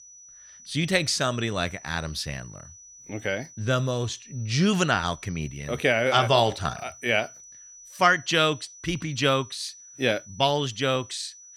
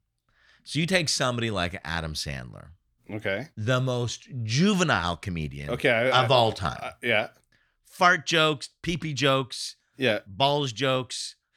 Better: second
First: high-pitched whine; noticeable; throughout; 6 kHz, 20 dB below the speech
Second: none

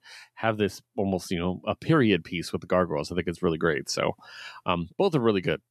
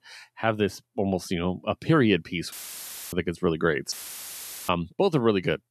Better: first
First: none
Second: audio cutting out; filled with static; at 2.5 s for 0.5 s and at 4 s for 1 s

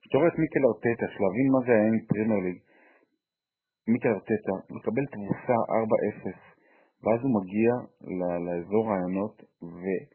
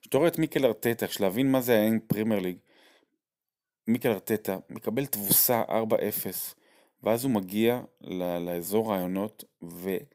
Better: second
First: garbled, watery; badly; nothing above 2.5 kHz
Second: none

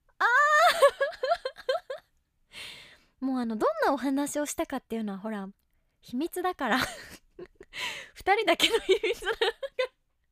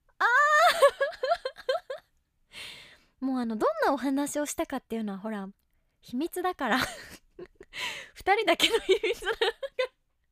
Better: neither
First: none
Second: none

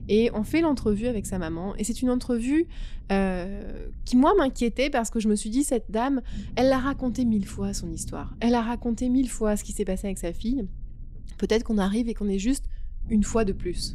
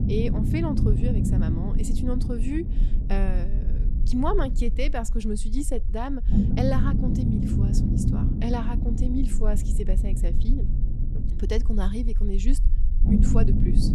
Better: first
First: low rumble; faint; throughout; 25 dB below the speech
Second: low rumble; loud; throughout; 3 dB below the speech

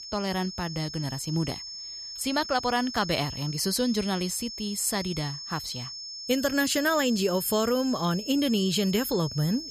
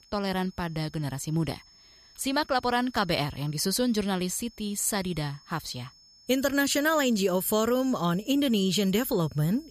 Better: second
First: high-pitched whine; loud; throughout; 5.5 kHz, 9 dB below the speech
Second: high-pitched whine; faint; throughout; 5.5 kHz, 25 dB below the speech

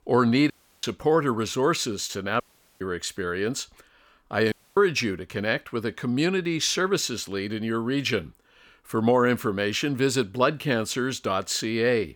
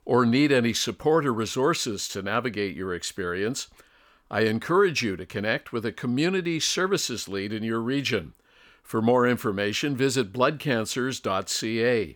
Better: second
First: audio cutting out; at 0.5 s, at 2.5 s and at 4.5 s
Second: none

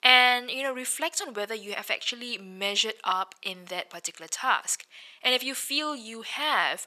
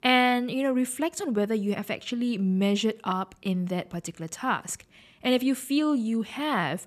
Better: second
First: thin; very; fading below 750 Hz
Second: none

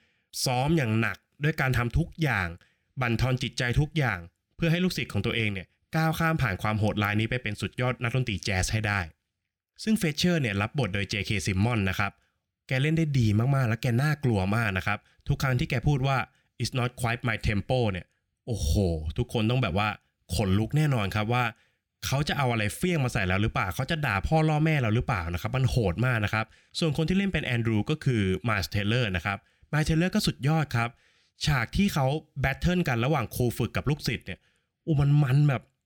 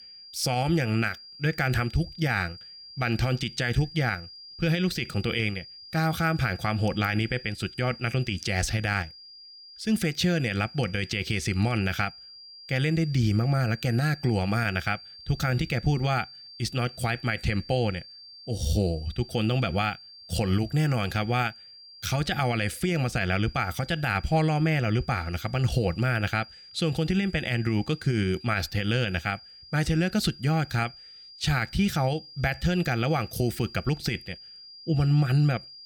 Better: first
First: none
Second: high-pitched whine; noticeable; throughout; 5 kHz, 15 dB below the speech

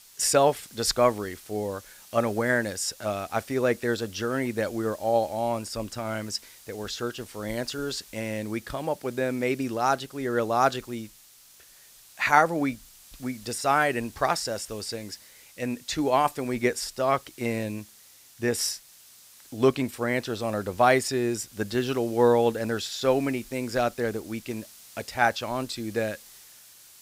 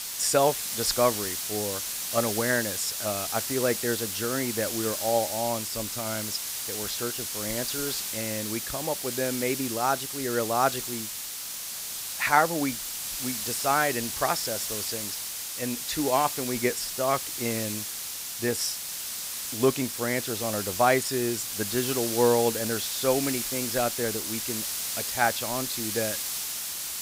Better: first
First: hiss; faint; throughout; 20 dB below the speech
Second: hiss; loud; throughout; 2 dB below the speech

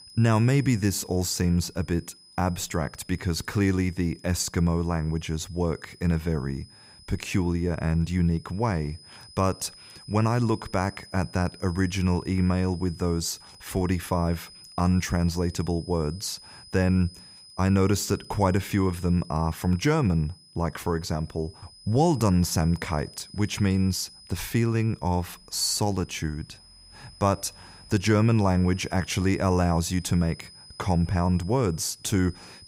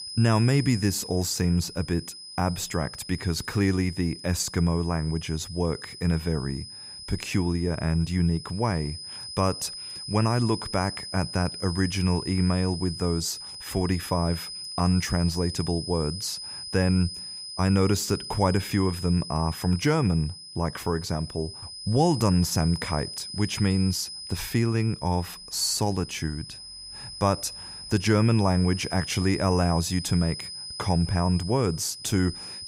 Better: first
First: high-pitched whine; faint; throughout; 5 kHz, 20 dB below the speech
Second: high-pitched whine; loud; throughout; 5 kHz, 10 dB below the speech

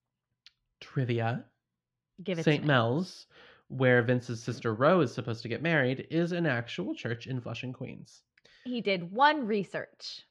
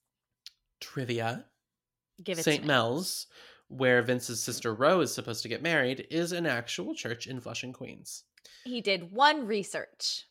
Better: second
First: muffled; slightly; fading above 3 kHz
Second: none

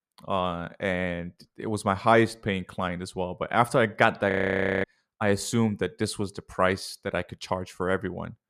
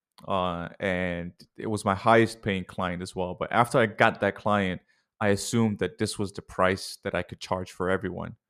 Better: second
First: audio freezing; at 4.5 s for 0.5 s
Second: none

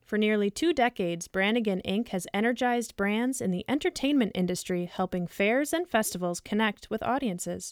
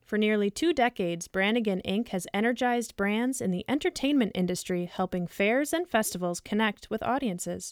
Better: neither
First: none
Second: none

